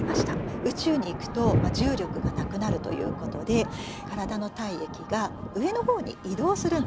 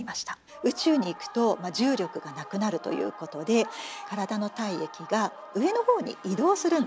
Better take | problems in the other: second | background sound (Thunder); 2 dB below the speech

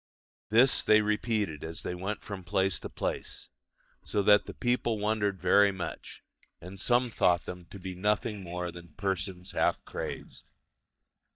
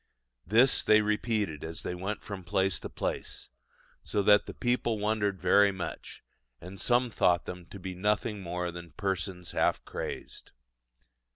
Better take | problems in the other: second | noise reduction (neural mask model DeepFilterNet 3)

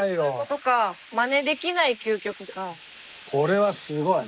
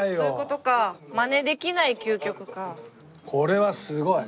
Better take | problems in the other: second | noise reduction (neural mask model Resemble Enhance denoiser)

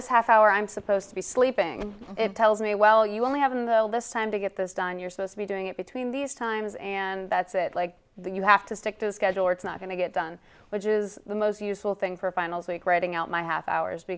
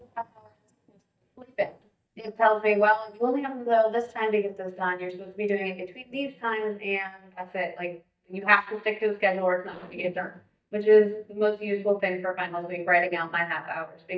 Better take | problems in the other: first | noise reduction (neural mask model DeepFilterNet 3)

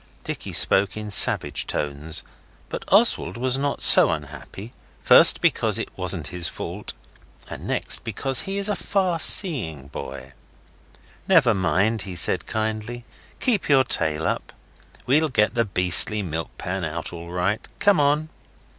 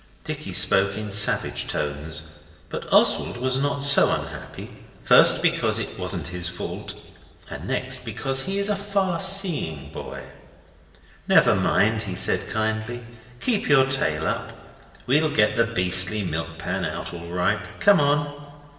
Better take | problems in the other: first | room echo; dies away in 2.4 s

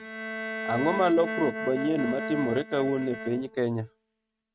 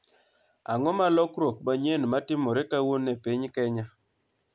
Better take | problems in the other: second | noise reduction (neural mask model RNNoise)

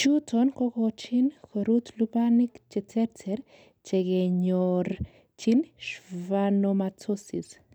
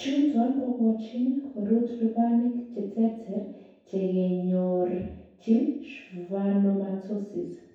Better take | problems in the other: first | room echo; dies away in 0.7 s

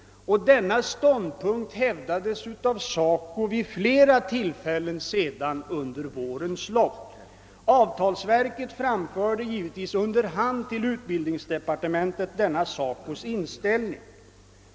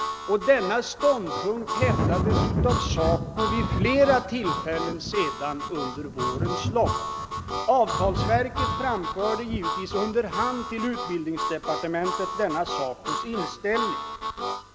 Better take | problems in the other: first | background sound (Harmonica + Thunder); 2 dB below the speech

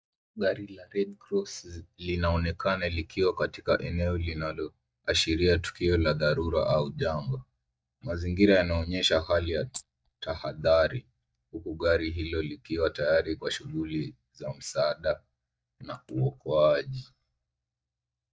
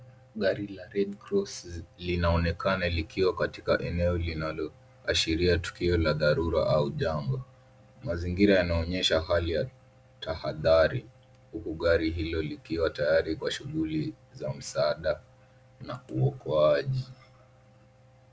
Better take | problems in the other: second | noise reduction (neural mask model DeepFilterNet 3)

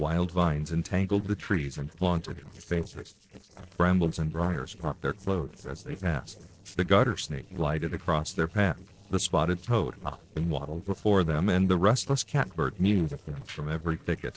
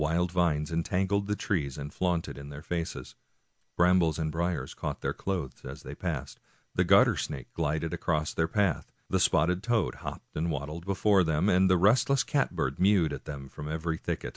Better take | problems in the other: second | noise reduction (neural separator model SepFormer DNS4)

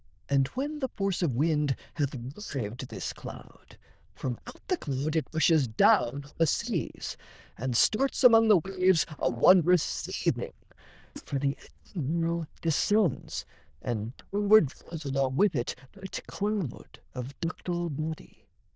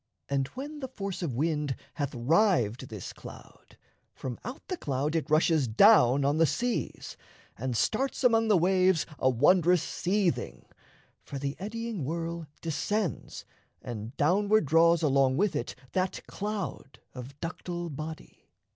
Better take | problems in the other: second | noise reduction (neural diffusion model UNIVERSE++)

